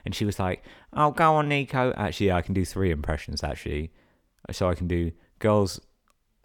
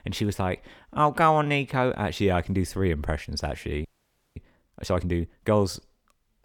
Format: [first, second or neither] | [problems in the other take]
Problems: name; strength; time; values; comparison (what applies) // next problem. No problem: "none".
first | audio freezing; at 4 s for 0.5 s